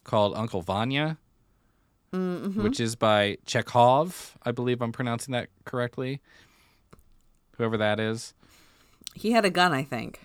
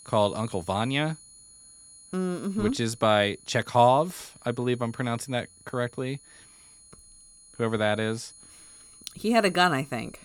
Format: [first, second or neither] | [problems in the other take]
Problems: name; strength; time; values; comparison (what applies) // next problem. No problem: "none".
first | high-pitched whine; faint; throughout; 10 kHz, 25 dB below the speech